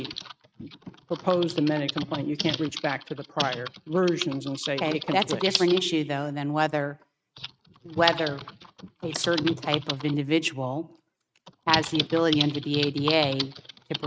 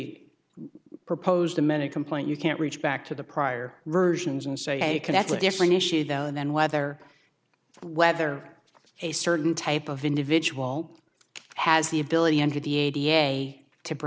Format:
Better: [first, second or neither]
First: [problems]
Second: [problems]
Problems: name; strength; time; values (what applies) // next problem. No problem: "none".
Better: second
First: noise reduction (neural mask model RNNoise)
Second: none